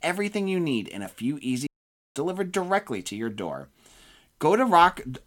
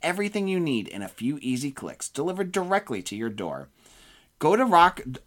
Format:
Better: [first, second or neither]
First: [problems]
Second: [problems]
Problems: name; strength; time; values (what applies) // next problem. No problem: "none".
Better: second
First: audio cutting out; at 1.5 s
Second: none